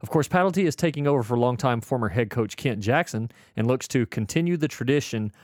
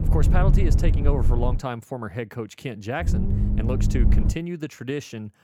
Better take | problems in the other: first | low rumble; loud; until 1.5 s and from 3 to 4.5 s; 5 dB below the speech

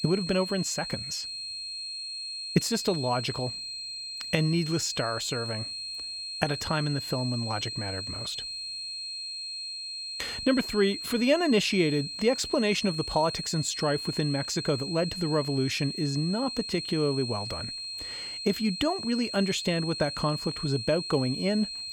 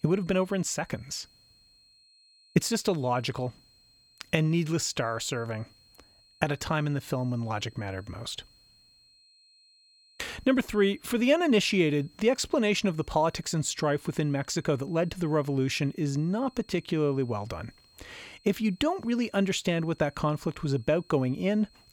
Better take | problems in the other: second | high-pitched whine; loud; throughout; 4 kHz, 5 dB below the speech; faint in the second

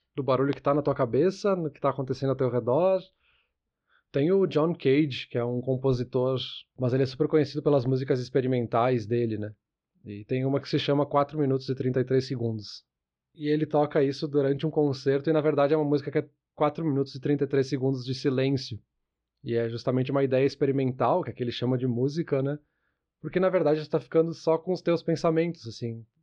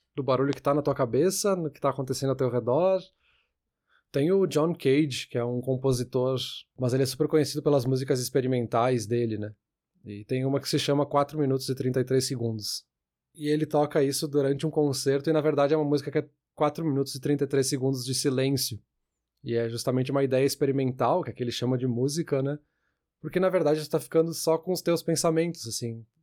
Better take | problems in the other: second | muffled; slightly; fading above 4 kHz

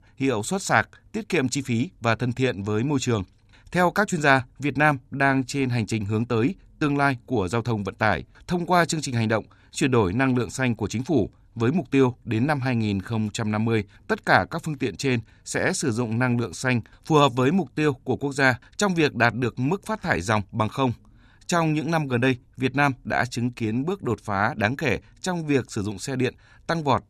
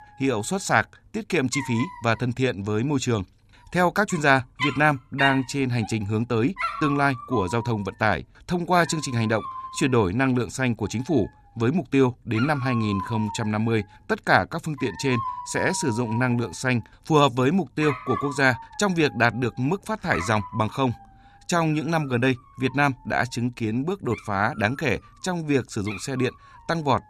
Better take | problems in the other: first | animal sounds; noticeable; throughout; 10 dB below the speech

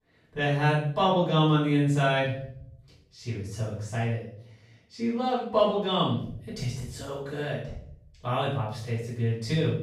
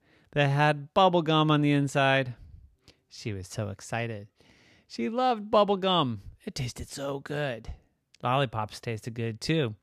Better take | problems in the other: second | off-mic speech; far // room echo; noticeable; dies away in 0.6 s

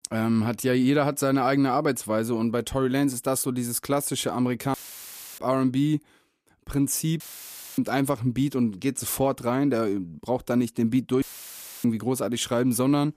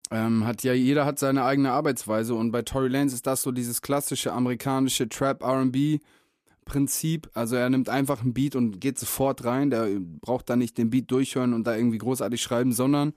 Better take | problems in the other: second | audio cutting out; filled with static; at 4.5 s for 0.5 s, at 7 s for 0.5 s and at 11 s for 0.5 s

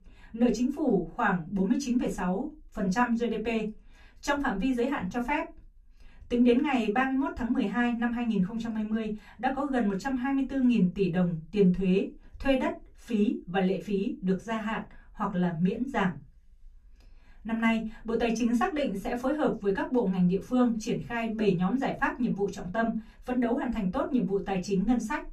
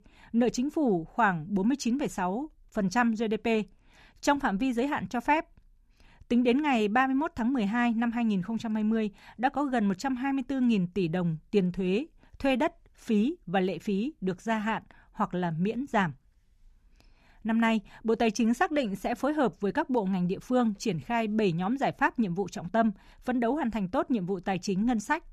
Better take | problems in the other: second | off-mic speech; far // room echo; very slight; dies away in 0.2 s

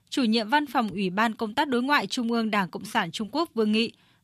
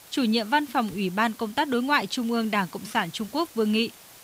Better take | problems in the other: first | hiss; faint; throughout; 20 dB below the speech

